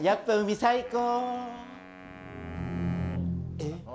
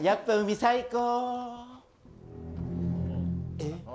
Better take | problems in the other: second | background sound (Wind instrument, woodwind instrument); 19 dB below the speech

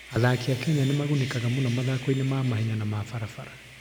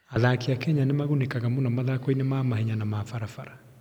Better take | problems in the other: second | background sound (Sawing); 16 dB below the speech

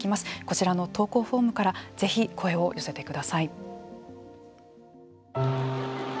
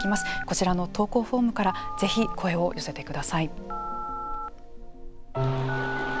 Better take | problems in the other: first | background sound (Telephone); 6 dB below the speech

